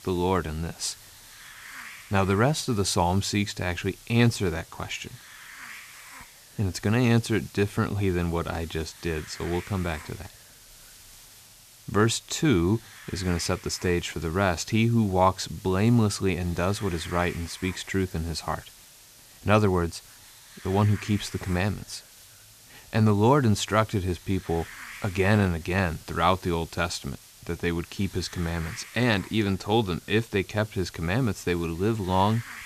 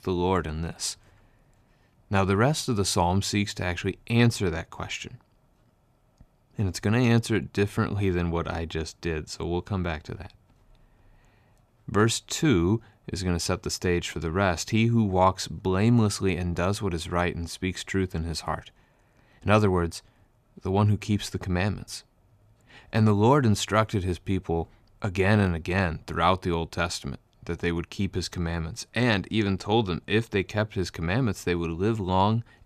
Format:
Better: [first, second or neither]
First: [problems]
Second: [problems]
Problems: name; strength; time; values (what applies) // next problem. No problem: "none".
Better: second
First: hiss; noticeable; throughout; 20 dB below the speech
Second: none